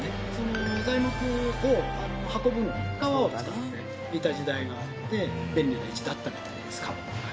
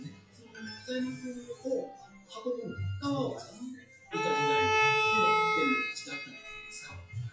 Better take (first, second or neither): first